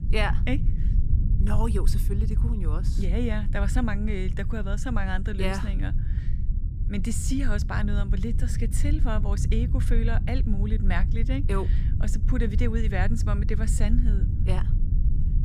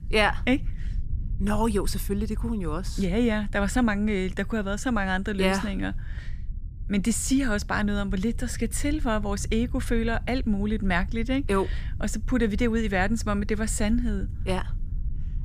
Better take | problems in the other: second | low rumble; loud; throughout; 9 dB below the speech; faint in the second

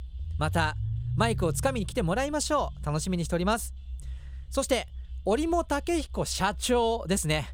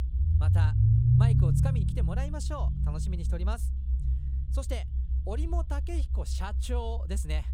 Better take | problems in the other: first | low rumble; loud; throughout; 1 dB below the speech; faint in the first

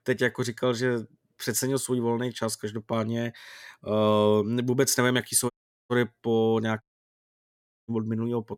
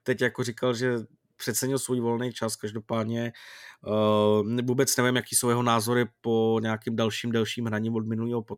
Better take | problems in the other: second | audio cutting out; at 5.5 s and at 7 s for 1 s

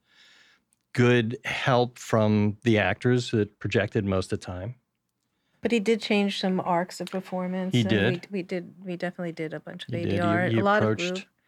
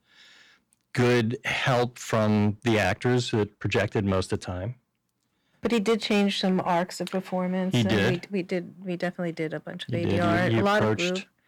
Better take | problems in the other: first | distortion; slight; 7% of the sound clipped

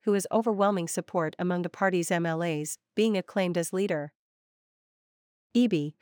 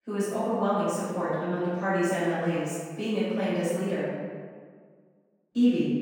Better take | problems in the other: first | room echo; strong; dies away in 1.5 s // off-mic speech; far

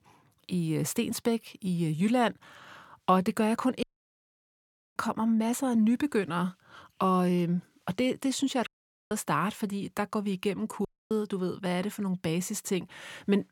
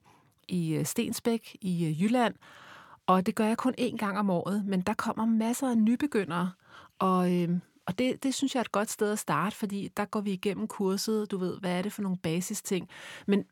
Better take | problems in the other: second | audio cutting out; at 4 s for 1 s, at 8.5 s and at 11 s

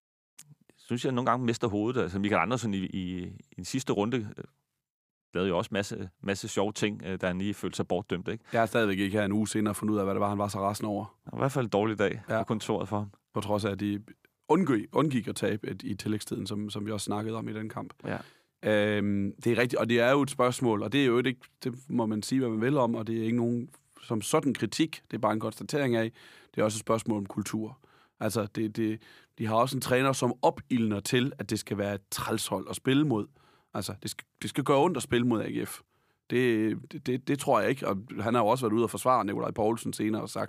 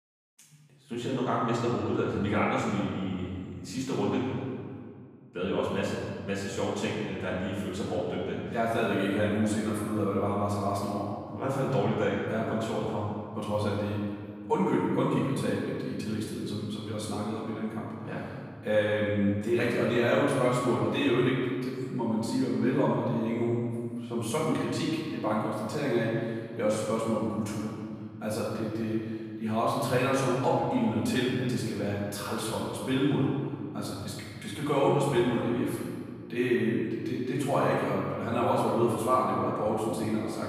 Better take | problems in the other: first | off-mic speech; far // room echo; strong; dies away in 1.9 s

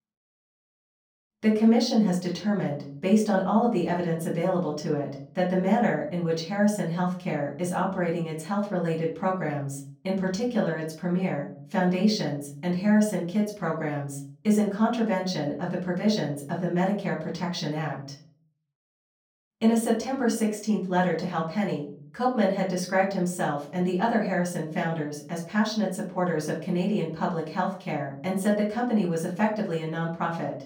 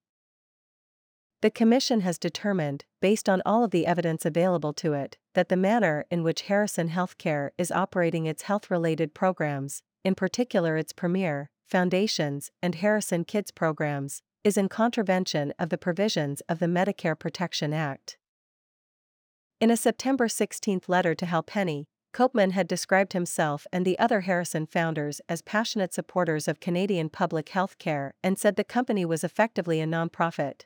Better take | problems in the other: second | off-mic speech; far // room echo; slight; dies away in 0.5 s

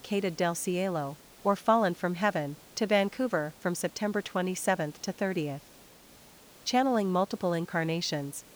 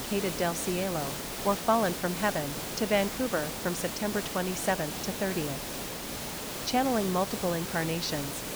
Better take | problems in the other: first | hiss; loud; throughout; 4 dB below the speech; faint in the first

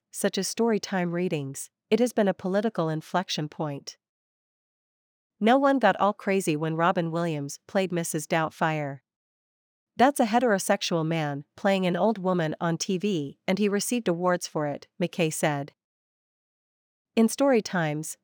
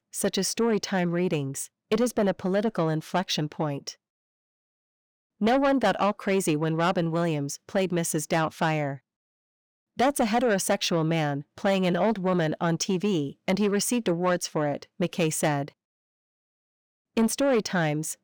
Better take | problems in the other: first | distortion; slight; 10 dB below the speech

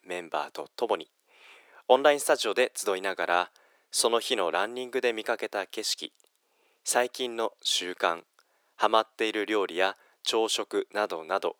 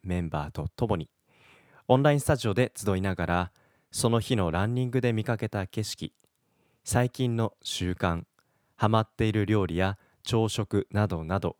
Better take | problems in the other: second | thin; very; fading below 400 Hz

